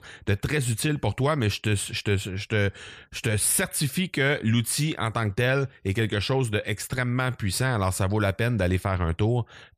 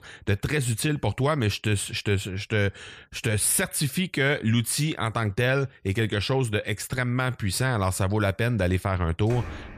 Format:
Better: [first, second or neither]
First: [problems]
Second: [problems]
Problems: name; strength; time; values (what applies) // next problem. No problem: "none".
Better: first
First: none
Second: door banging; faint; at 9.5 s; peak 15 dB below the speech